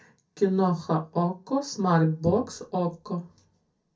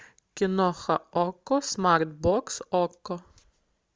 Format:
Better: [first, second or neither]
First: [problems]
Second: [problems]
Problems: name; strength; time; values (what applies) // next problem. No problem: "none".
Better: second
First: room echo; dies away in 0.3 s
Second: none